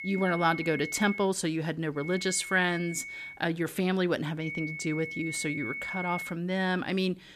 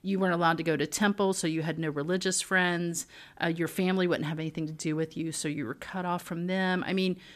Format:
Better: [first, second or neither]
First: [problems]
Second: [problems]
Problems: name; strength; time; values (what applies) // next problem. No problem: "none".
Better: second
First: high-pitched whine; loud; until 1 s, from 2 to 3.5 s and from 4.5 to 6.5 s; 2 kHz, 7 dB below the speech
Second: none